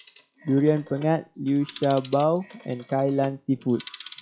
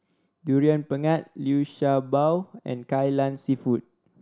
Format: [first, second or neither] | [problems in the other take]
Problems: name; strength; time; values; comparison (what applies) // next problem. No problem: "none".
second | noise reduction (classical method log-MMSE)